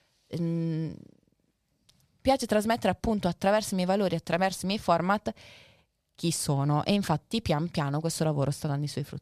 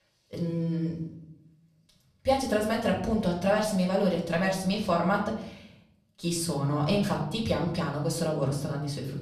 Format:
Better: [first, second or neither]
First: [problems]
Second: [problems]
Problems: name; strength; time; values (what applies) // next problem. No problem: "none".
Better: first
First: none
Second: off-mic speech; far // room echo; slight; dies away in 0.6 s